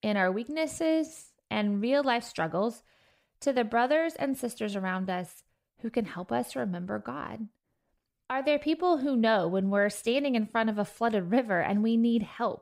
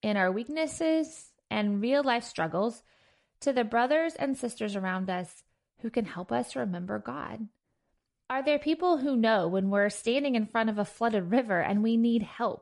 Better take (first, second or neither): first